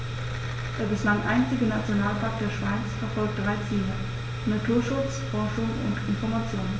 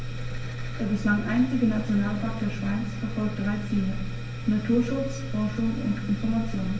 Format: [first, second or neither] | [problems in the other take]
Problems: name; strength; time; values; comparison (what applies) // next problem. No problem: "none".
first | room echo; dies away in 0.2 s